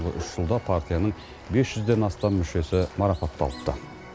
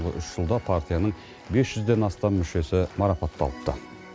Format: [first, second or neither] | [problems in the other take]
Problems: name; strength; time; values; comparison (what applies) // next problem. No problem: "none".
second | background sound (Squeak); 19 dB below the speech